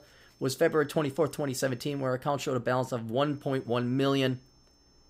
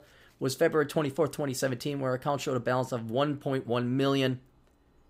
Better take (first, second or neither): second